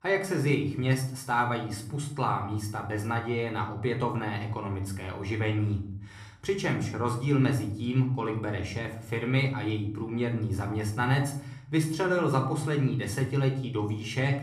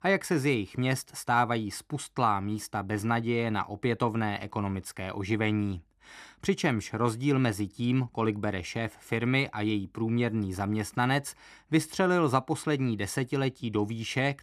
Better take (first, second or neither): second